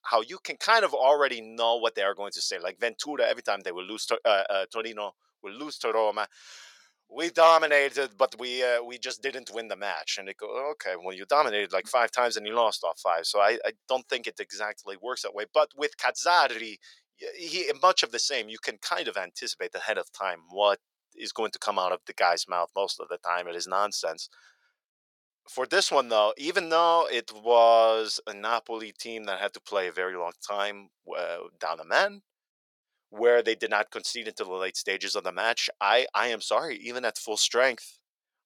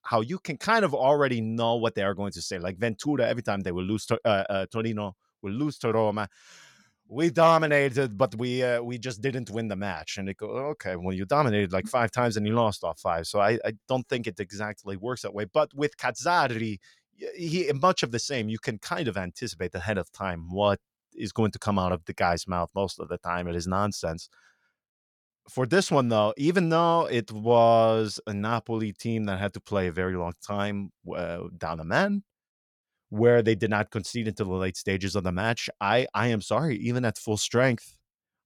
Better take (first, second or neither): second